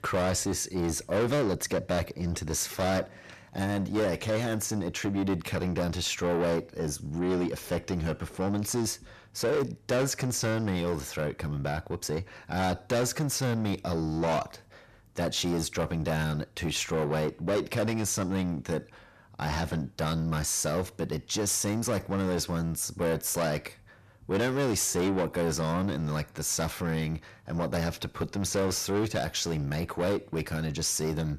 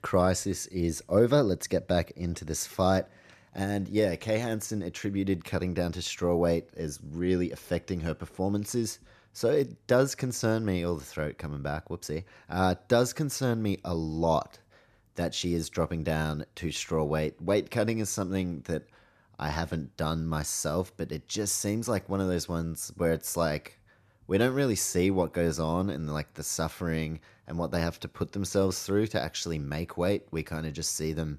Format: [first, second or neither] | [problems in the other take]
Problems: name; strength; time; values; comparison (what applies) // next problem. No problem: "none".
second | distortion; heavy; 6 dB below the speech